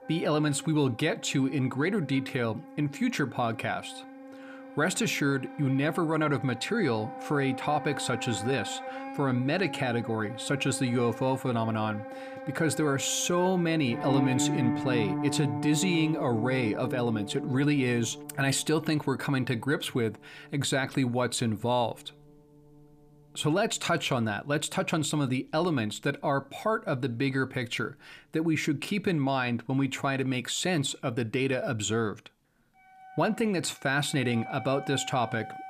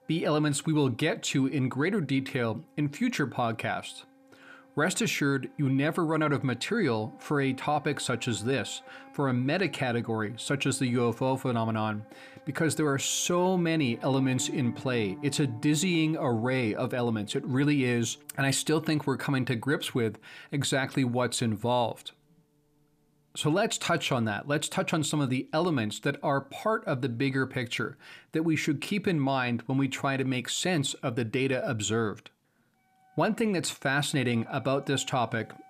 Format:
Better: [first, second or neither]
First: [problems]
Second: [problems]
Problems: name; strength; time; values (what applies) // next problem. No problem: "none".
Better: second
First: background music; loud; throughout; 10 dB below the speech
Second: background music; faint; throughout; 25 dB below the speech